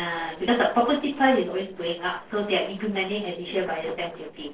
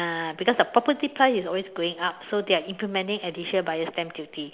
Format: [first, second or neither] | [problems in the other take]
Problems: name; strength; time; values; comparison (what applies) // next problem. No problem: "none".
second | noise reduction (neural separator model SepFormer DNS4)